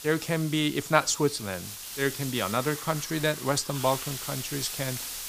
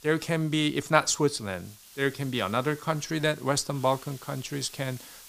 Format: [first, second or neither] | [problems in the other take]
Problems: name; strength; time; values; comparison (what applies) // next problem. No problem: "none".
second | hiss; loud; throughout; 8 dB below the speech; faint in the second